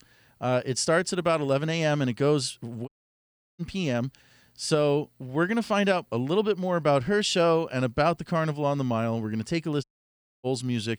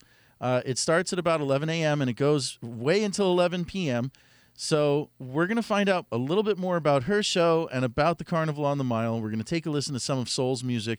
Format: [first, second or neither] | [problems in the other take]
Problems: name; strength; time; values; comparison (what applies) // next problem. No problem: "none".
second | audio cutting out; at 3 s for 0.5 s and at 10 s for 0.5 s